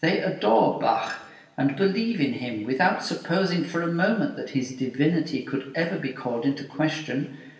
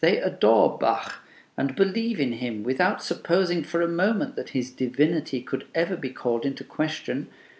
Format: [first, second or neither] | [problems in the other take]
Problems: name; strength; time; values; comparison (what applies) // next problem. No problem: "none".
second | room echo; dies away in 0.9 s